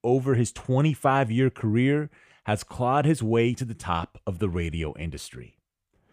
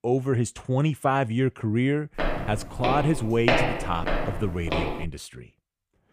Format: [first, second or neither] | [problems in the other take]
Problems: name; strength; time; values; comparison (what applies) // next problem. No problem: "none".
first | footsteps; loud; from 2 to 5 s; peak 4 dB above the speech